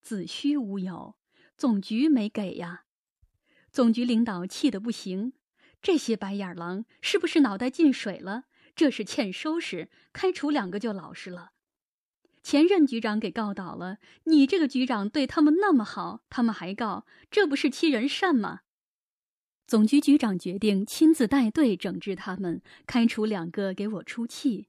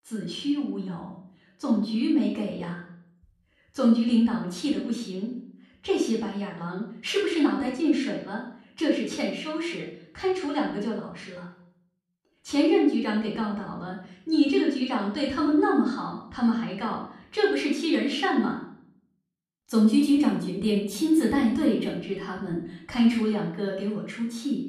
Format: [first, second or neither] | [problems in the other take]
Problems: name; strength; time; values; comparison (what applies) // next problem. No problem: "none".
first | off-mic speech; far // room echo; noticeable; dies away in 0.6 s